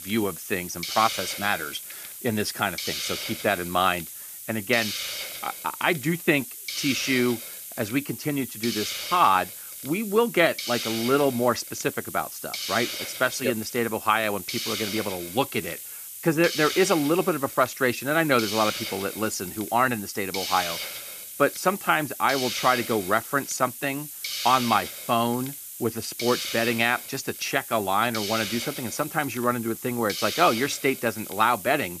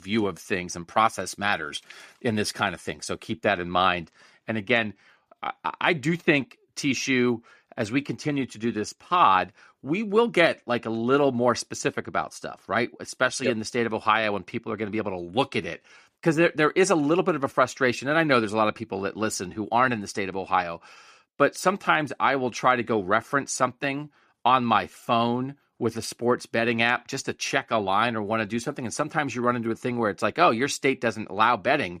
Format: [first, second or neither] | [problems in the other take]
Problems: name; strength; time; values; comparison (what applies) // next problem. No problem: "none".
second | hiss; loud; throughout; 7 dB below the speech